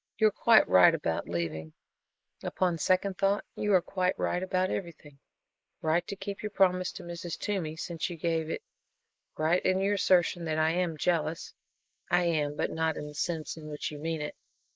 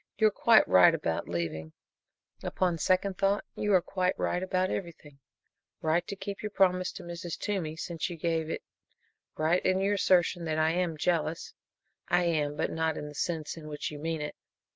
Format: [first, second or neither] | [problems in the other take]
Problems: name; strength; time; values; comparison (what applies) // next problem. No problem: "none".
second | noise reduction (neural mask model Resemble Enhance denoiser)